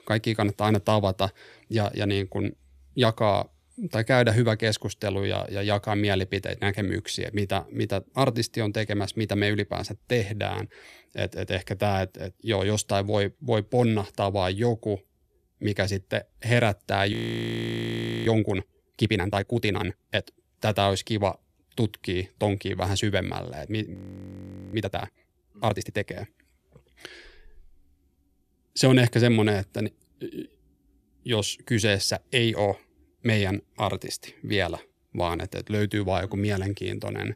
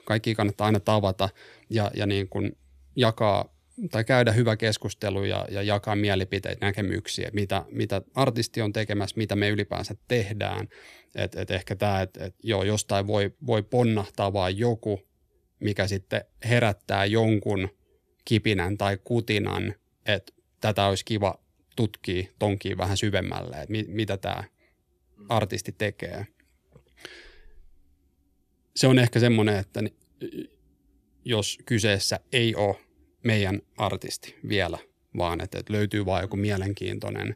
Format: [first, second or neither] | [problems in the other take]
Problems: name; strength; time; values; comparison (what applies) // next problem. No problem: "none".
second | audio freezing; at 17 s for 1 s and at 24 s for 1 s